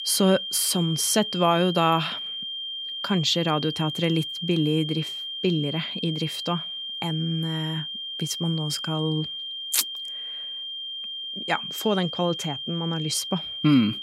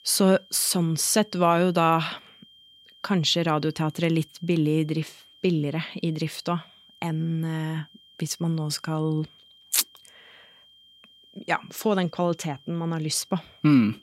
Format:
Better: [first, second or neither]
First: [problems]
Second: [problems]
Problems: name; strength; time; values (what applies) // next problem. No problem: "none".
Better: second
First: high-pitched whine; loud; throughout; 3 kHz, 5 dB below the speech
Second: high-pitched whine; faint; throughout; 3 kHz, 25 dB below the speech